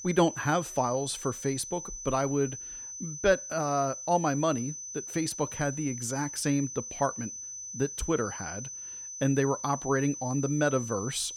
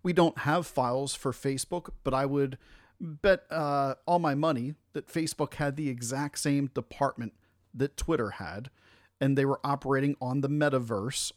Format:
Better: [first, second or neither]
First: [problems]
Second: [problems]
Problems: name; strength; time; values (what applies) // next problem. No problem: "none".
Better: second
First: high-pitched whine; loud; throughout; 6 kHz, 8 dB below the speech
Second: none